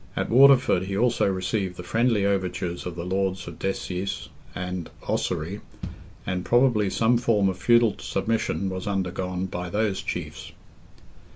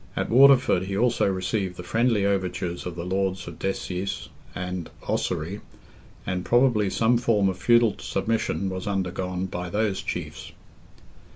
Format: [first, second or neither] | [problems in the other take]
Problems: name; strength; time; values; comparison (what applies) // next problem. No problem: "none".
second | background sound (Bass drum); 15 dB below the speech